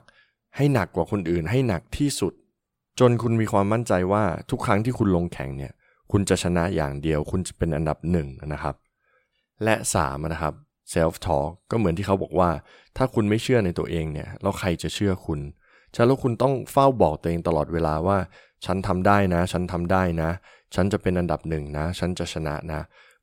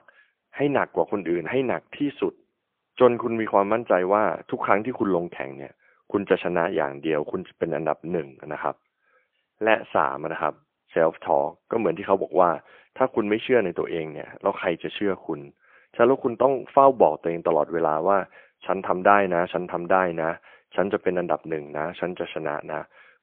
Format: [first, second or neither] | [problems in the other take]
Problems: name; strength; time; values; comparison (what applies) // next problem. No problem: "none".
first | phone-call audio; poor line; nothing above 3.5 kHz